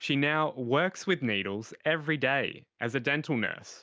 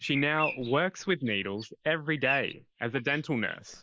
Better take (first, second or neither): first